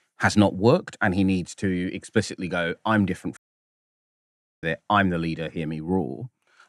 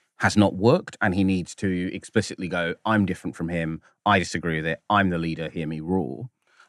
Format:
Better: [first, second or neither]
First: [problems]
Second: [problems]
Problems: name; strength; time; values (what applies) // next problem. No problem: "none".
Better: second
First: audio cutting out; at 3.5 s for 1.5 s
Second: none